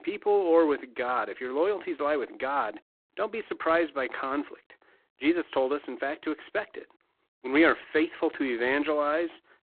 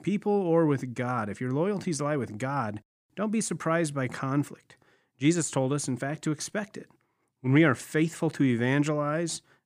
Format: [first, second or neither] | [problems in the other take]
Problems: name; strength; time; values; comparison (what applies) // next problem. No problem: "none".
second | phone-call audio; poor line; nothing above 4 kHz